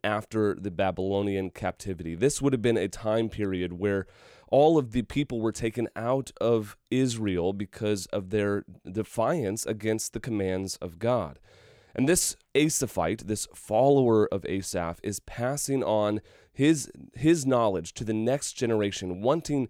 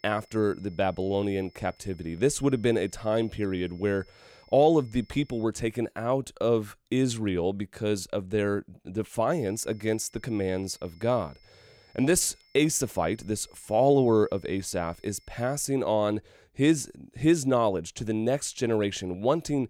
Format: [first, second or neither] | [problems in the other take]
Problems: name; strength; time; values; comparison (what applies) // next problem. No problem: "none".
first | high-pitched whine; faint; until 5.5 s and from 9.5 to 16 s; 5.5 kHz, 30 dB below the speech